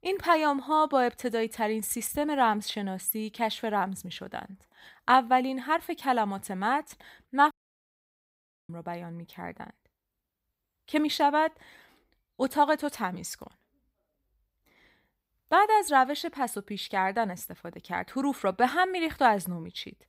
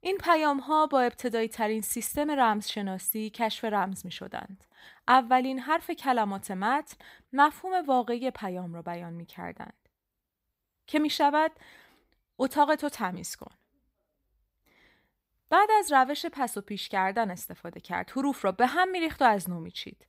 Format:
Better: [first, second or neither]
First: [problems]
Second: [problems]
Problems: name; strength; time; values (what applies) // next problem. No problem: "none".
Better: second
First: audio cutting out; at 7.5 s for 1 s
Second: none